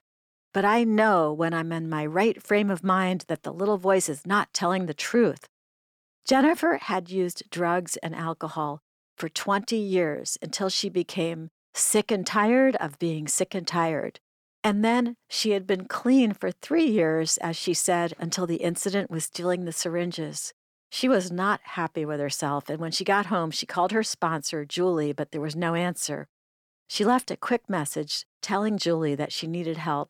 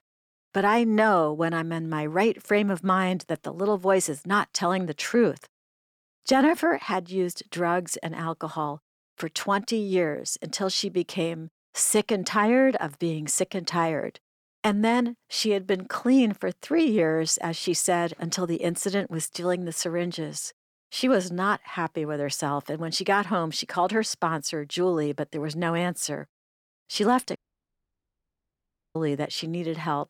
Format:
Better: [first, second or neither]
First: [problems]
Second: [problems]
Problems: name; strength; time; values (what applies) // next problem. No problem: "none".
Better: first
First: none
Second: audio cutting out; at 27 s for 1.5 s